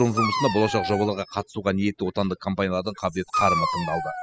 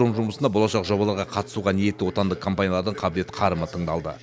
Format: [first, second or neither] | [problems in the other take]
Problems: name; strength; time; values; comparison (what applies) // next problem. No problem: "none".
second | noise reduction (classical method spectral subtraction)